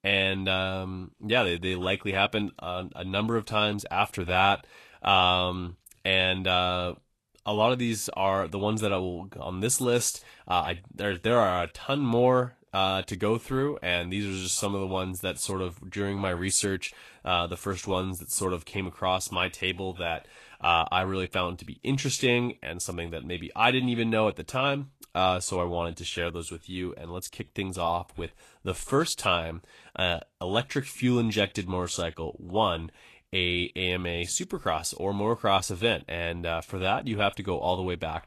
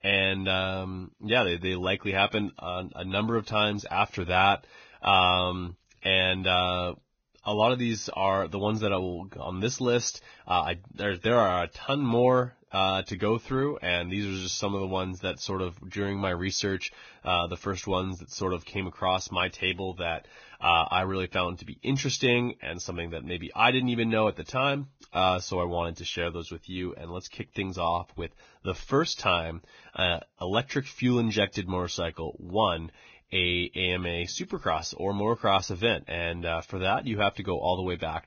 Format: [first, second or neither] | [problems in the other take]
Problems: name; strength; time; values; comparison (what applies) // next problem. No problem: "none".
first | garbled, watery; badly; nothing above 6.5 kHz; slightly in the first